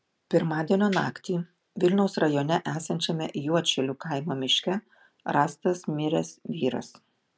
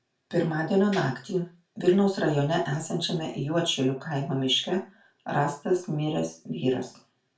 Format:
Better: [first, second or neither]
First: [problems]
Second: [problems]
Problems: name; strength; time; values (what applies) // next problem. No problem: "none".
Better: first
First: none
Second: room echo; dies away in 0.3 s